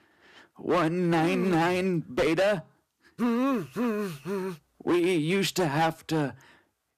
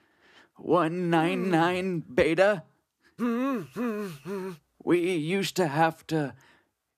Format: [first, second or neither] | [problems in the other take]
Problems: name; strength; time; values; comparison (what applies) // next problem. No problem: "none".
second | distortion; heavy; 9% of the sound clipped